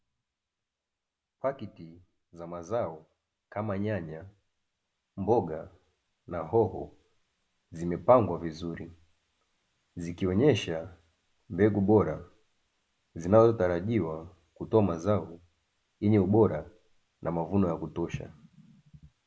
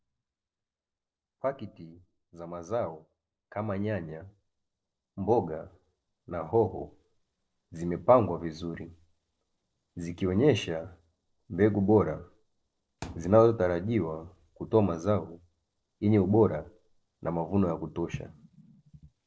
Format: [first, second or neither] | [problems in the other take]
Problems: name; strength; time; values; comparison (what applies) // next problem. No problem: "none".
first | noise reduction (neural separator model SepFormer DNS4)